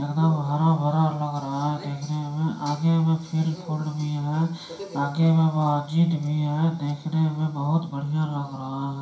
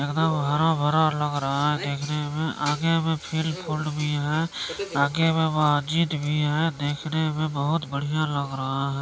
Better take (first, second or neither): second